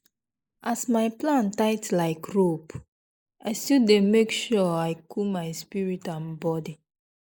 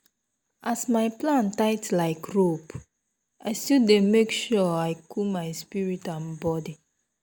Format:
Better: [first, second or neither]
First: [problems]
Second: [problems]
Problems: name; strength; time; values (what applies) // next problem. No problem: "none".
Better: second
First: noise reduction (neural mask model Resemble Enhance denoiser)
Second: none